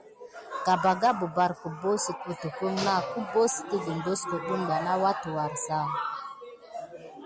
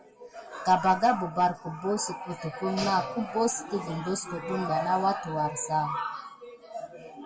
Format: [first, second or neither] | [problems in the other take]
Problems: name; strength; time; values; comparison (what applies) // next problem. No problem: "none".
first | room echo; dies away in 0.2 s